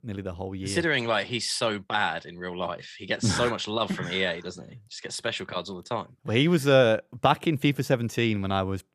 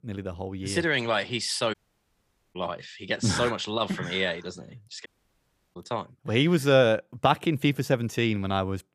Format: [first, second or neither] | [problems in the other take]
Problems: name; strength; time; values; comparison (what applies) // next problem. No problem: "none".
first | audio cutting out; at 1.5 s for 1 s and at 5 s for 0.5 s